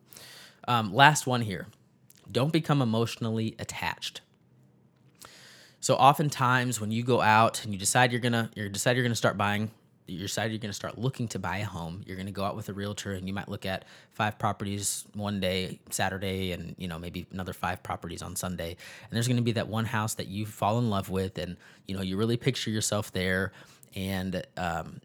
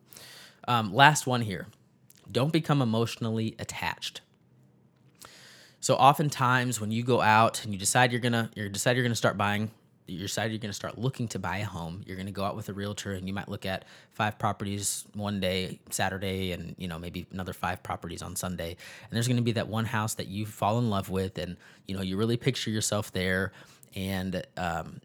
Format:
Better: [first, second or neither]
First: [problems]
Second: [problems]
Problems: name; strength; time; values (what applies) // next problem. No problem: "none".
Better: neither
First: none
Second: none